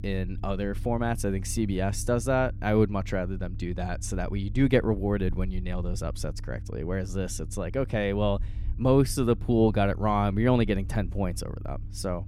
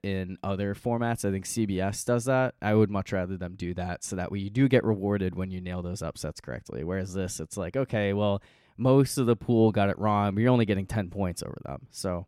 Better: second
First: low rumble; faint; throughout; 25 dB below the speech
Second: none

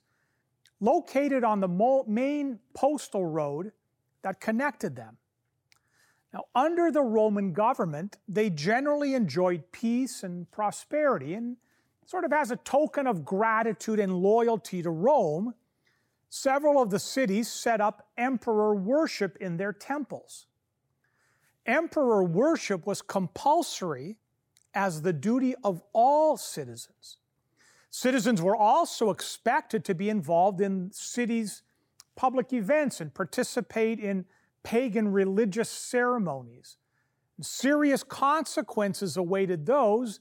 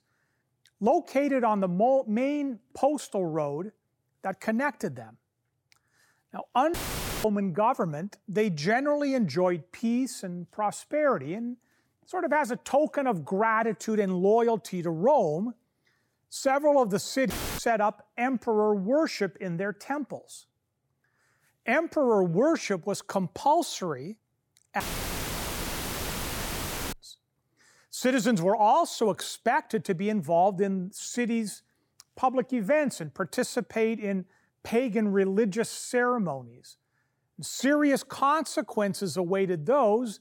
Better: first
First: none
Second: audio cutting out; filled with static; at 6.5 s for 0.5 s, at 17 s and at 25 s for 2 s

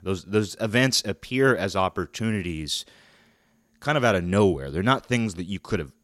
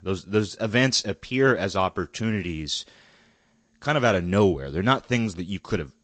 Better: first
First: none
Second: garbled, watery; slightly; nothing above 7.5 kHz

